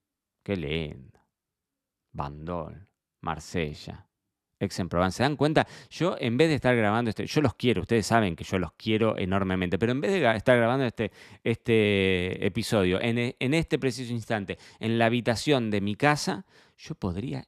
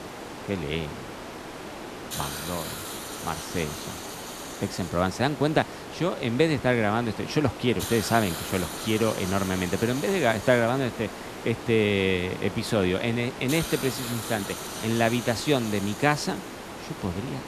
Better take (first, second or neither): first